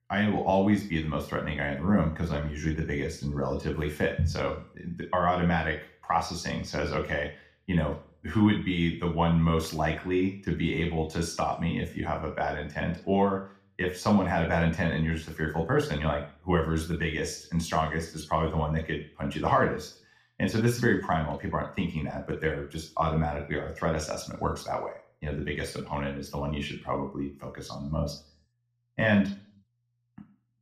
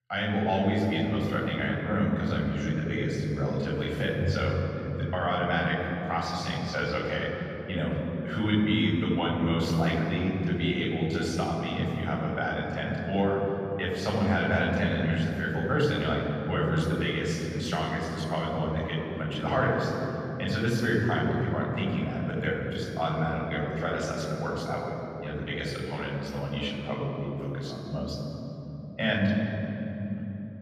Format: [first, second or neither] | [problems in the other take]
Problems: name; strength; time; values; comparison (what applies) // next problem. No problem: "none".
first | room echo; strong; dies away in 3 s; slight in the first // off-mic speech; far